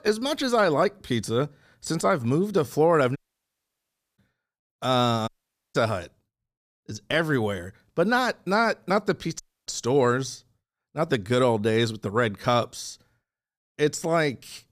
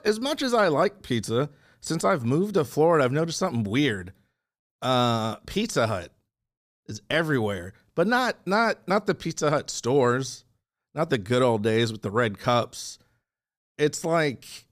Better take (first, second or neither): second